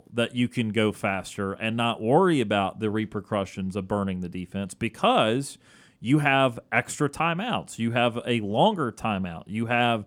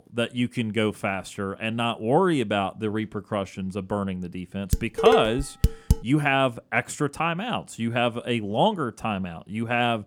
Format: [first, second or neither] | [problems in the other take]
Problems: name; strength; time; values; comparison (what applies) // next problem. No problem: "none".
first | clattering dishes; loud; from 4.5 to 6 s; peak 5 dB above the speech